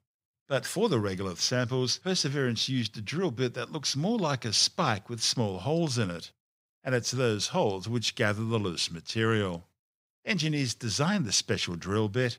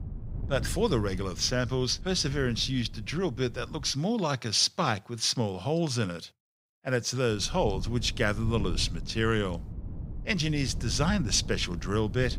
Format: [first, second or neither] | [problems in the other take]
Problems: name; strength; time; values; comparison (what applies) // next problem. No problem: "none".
first | wind noise on the microphone; occasional gusts; until 4 s and from 7.5 s on; 20 dB below the speech